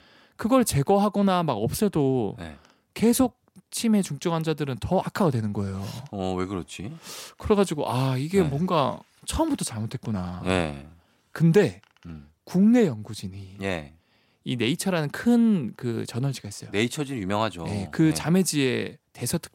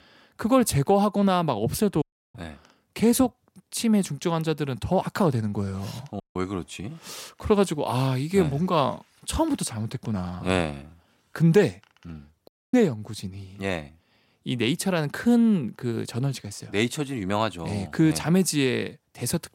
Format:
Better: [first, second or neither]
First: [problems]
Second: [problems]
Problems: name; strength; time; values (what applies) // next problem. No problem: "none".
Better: first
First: none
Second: audio cutting out; at 2 s, at 6 s and at 12 s